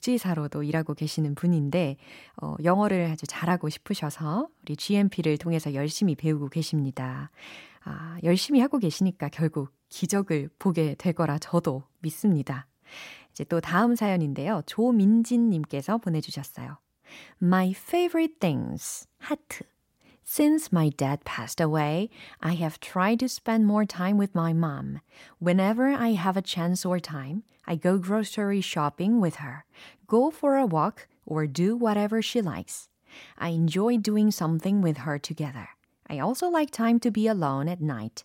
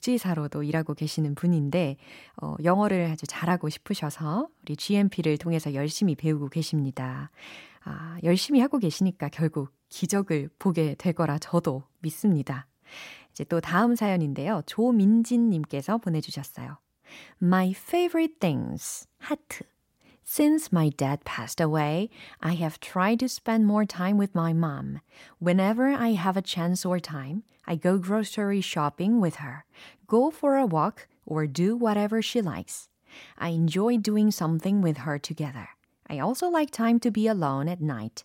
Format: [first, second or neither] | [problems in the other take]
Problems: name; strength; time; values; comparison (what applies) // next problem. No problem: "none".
neither | none